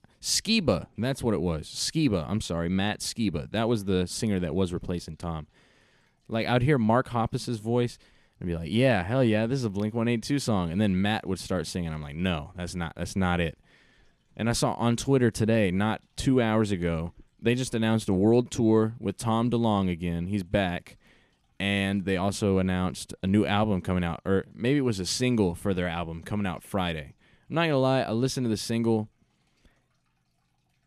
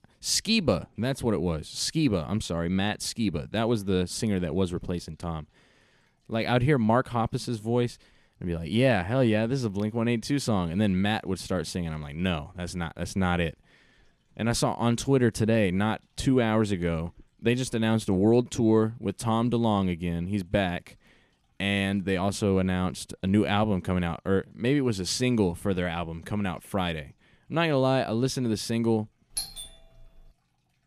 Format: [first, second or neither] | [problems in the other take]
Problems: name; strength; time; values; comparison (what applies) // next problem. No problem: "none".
first | doorbell; noticeable; at 29 s; peak 6 dB below the speech